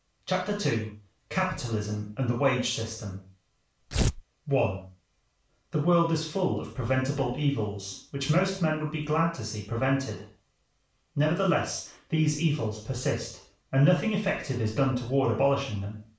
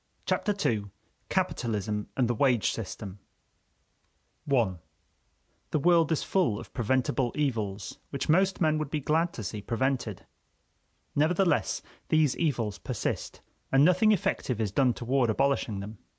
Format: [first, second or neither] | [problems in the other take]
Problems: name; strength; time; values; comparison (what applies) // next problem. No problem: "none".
second | background sound (Tearing); 1 dB above the speech // room echo; dies away in 0.4 s